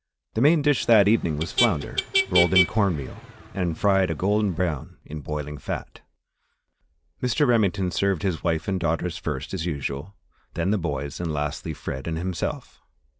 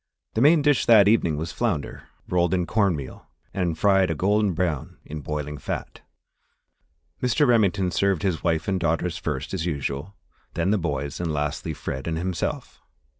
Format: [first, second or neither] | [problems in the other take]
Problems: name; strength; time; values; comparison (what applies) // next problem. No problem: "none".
second | background sound (Motor vehicle (road)); 4 dB below the speech